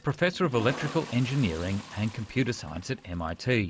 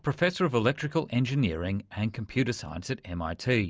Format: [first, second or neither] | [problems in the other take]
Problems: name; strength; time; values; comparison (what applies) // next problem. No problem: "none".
second | background sound (Toilet flush); 15 dB below the speech